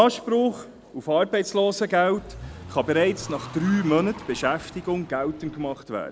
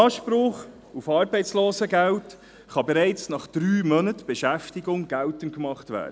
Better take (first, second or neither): second